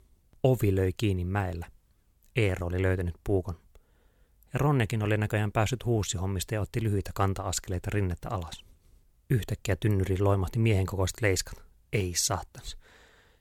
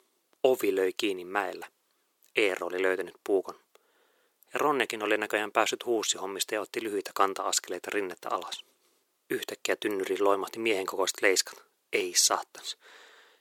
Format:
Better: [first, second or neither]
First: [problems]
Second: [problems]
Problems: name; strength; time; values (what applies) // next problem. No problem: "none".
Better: first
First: none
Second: thin; very; fading below 350 Hz